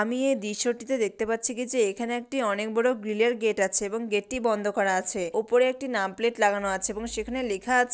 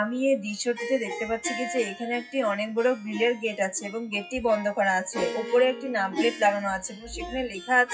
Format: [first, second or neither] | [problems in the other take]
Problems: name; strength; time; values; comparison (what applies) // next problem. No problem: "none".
first | noise reduction (classical method WPE with log-MMSE)